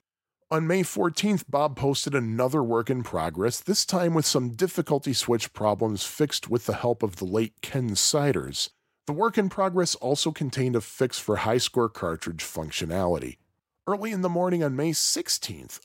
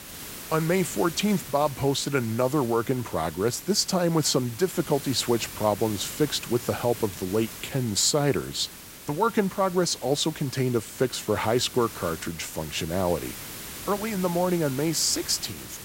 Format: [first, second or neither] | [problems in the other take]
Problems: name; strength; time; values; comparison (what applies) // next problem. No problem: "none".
first | hiss; noticeable; throughout; 15 dB below the speech